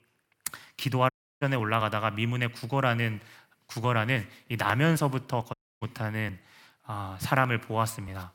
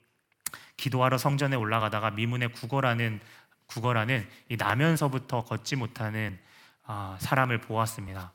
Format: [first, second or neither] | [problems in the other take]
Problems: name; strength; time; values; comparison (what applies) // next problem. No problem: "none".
second | audio cutting out; at 1 s and at 5.5 s